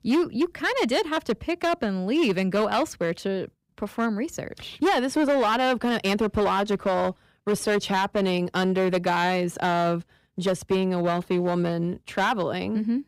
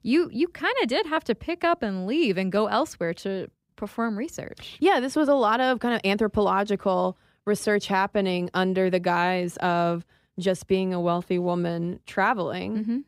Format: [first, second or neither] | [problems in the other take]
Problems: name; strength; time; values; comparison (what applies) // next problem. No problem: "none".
second | distortion; slight; 9% of the sound clipped